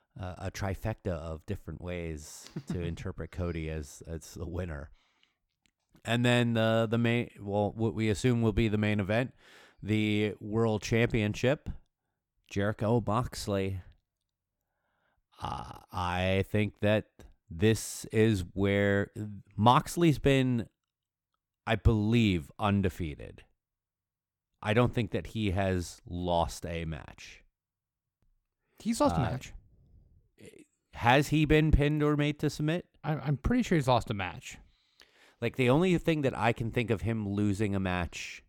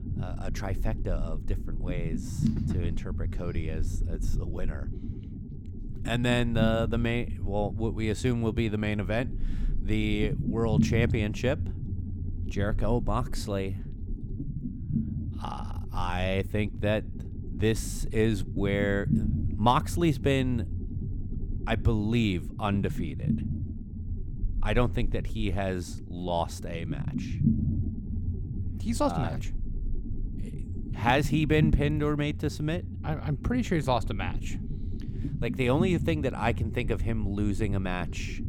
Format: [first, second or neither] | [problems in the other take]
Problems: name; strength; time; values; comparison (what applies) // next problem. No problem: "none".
first | low rumble; noticeable; throughout; 10 dB below the speech